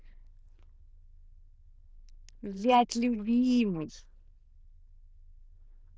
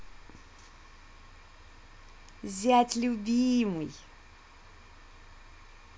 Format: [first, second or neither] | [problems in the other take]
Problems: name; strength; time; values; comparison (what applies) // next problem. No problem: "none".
second | noise reduction (neural diffusion model UNIVERSE++)